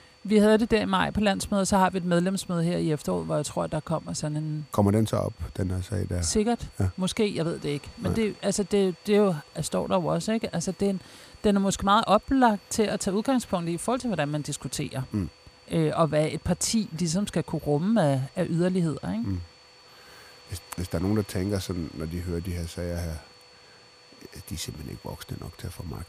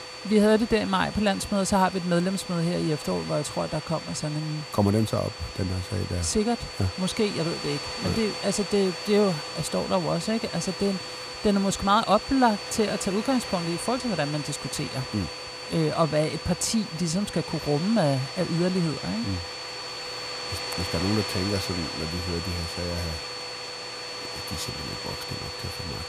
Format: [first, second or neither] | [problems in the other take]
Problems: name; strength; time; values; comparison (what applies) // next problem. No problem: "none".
first | household noises; loud; throughout; 7 dB below the speech; faint in the first